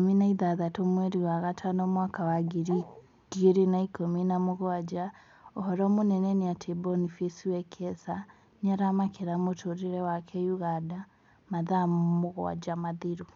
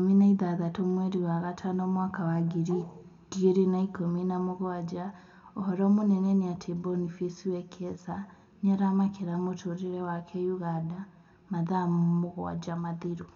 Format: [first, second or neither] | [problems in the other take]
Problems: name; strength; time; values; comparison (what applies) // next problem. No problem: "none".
first | room echo; dies away in 1.1 s